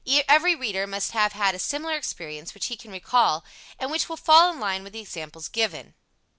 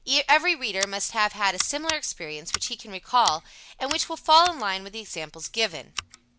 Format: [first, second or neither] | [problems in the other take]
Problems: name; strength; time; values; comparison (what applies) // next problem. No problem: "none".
first | background sound (Scissors); 12 dB below the speech